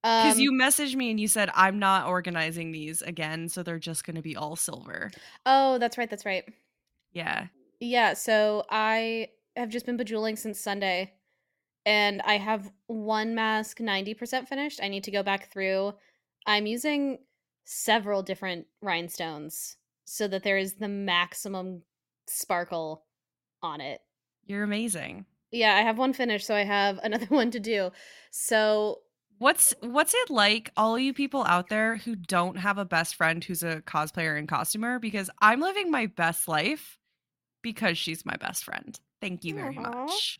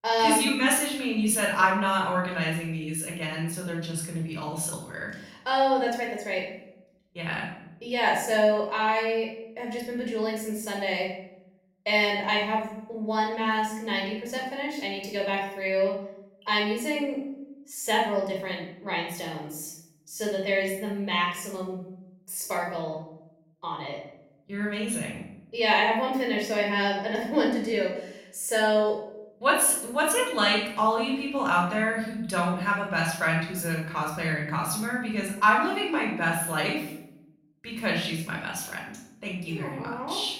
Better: first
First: none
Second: off-mic speech; far // room echo; noticeable; dies away in 0.7 s

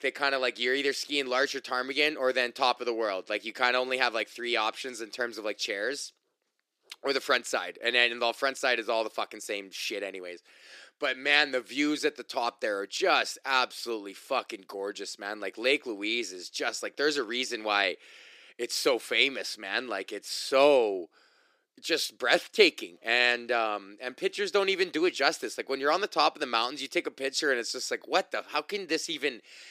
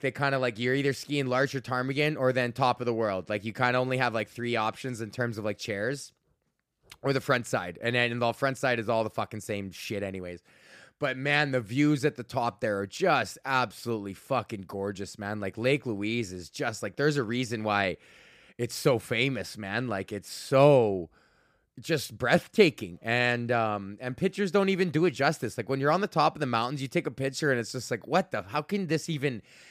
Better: second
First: thin; somewhat; fading below 350 Hz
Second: none

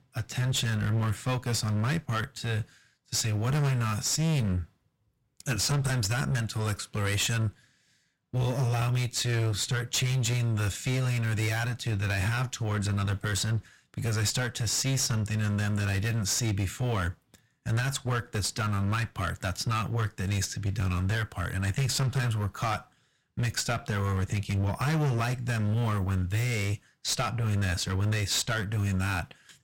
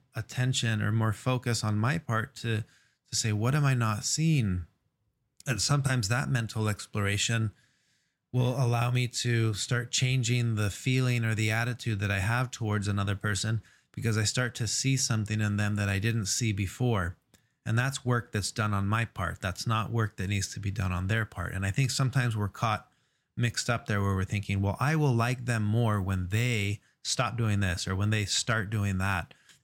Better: second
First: distortion; heavy; 17% of the sound clipped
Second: none

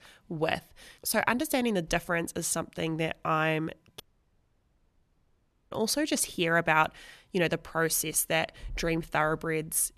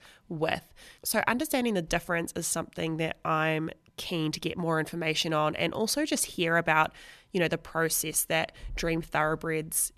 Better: second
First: audio cutting out; at 4 s for 1.5 s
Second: none

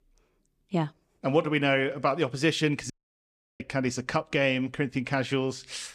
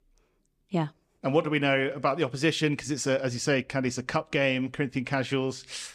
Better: second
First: audio cutting out; at 3 s for 0.5 s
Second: none

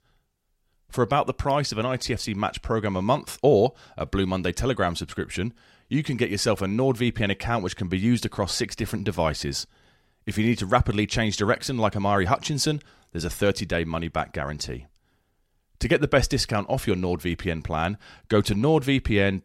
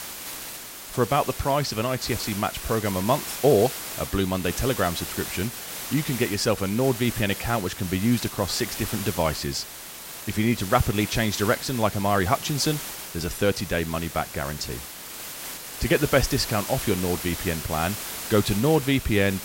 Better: first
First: none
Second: hiss; loud; throughout; 8 dB below the speech

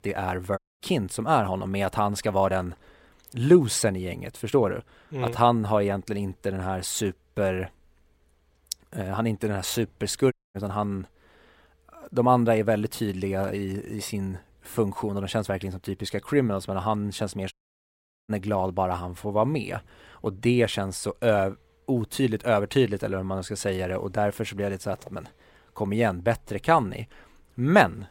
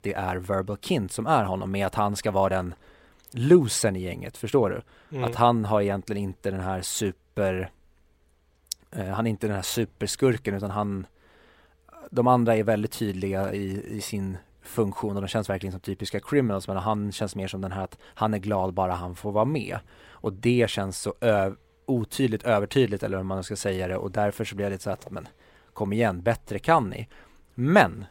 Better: second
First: audio cutting out; at 0.5 s, at 10 s and at 18 s for 1 s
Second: none

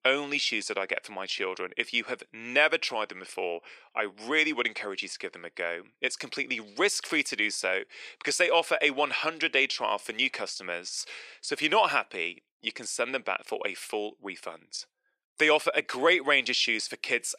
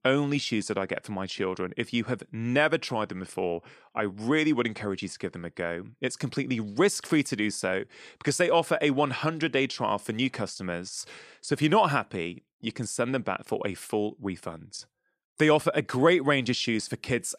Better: second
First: thin; somewhat; fading below 500 Hz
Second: none

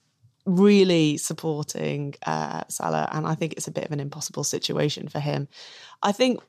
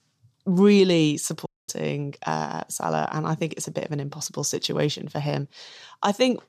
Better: first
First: none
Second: audio cutting out; at 1.5 s

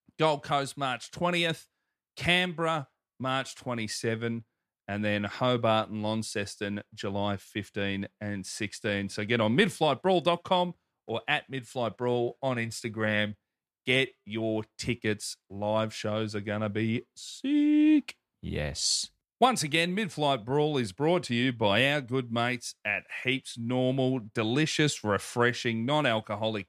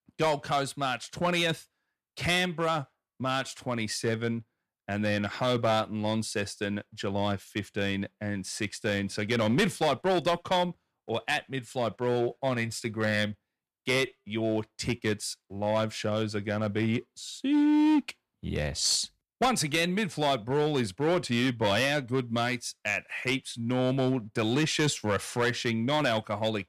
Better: first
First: none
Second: distortion; slight; 5% of the sound clipped

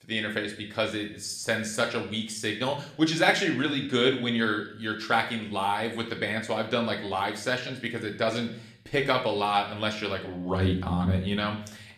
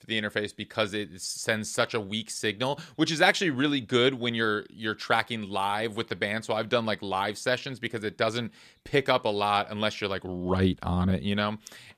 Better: second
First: room echo; slight; dies away in 0.5 s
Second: none

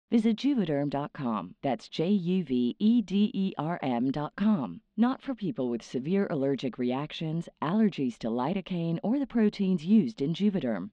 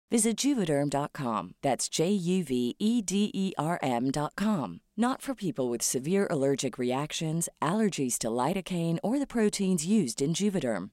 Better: second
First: muffled; slightly; fading above 3.5 kHz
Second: none

